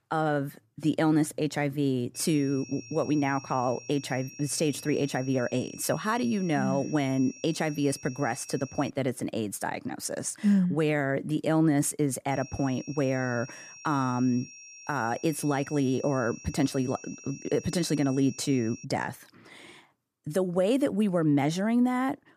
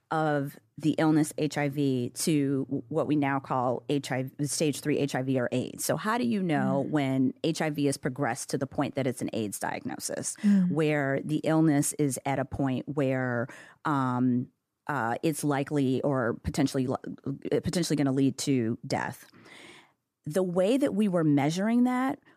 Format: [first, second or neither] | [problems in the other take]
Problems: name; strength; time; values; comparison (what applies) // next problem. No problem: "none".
second | high-pitched whine; noticeable; from 2 to 9 s and from 12 to 19 s; 5.5 kHz, 15 dB below the speech